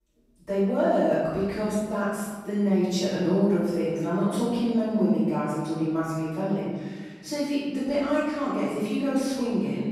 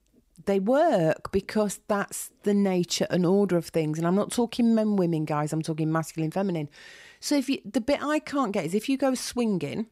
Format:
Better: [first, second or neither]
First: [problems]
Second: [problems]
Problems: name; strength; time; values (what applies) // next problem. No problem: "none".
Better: second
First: off-mic speech; far // room echo; strong; dies away in 1.5 s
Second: none